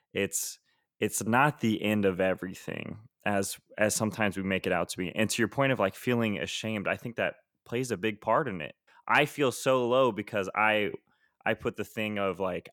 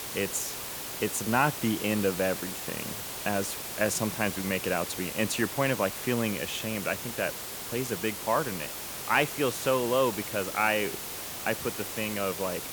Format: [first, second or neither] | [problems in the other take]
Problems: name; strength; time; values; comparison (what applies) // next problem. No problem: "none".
first | hiss; loud; throughout; 5 dB below the speech